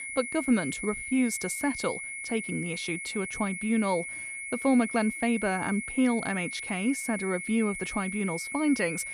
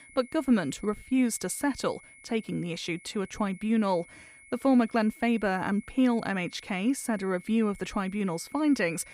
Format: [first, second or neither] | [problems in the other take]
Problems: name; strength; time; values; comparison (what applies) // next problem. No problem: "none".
second | high-pitched whine; loud; throughout; 2 kHz, 6 dB below the speech; faint in the second